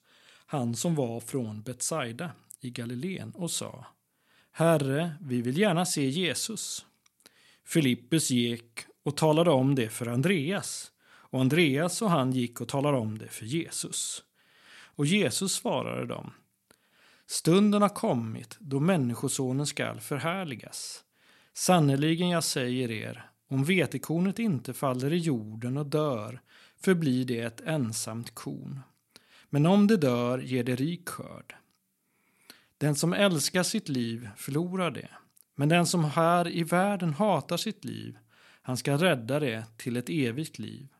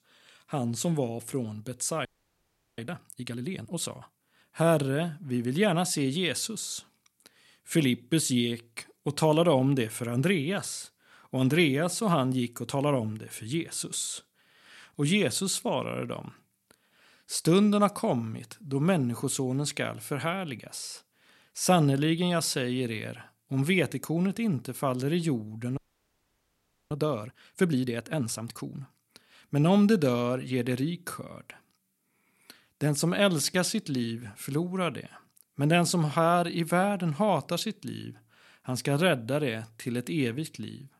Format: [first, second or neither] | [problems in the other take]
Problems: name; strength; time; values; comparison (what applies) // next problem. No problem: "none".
first | audio freezing; at 2 s for 0.5 s and at 26 s for 1 s